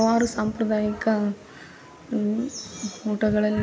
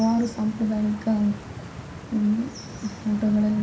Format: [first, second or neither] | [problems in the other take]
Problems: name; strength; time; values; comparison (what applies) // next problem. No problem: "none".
first | background sound (Stream); 14 dB below the speech // room echo; dies away in 0.3 s